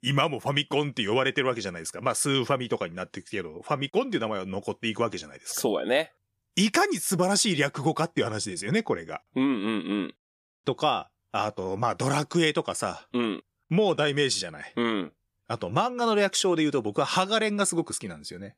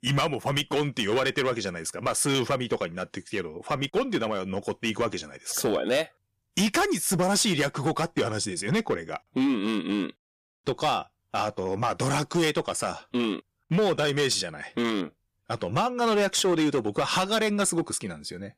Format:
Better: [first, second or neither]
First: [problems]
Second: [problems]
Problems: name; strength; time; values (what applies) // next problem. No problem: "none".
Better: first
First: none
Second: distortion; slight; 8% of the sound clipped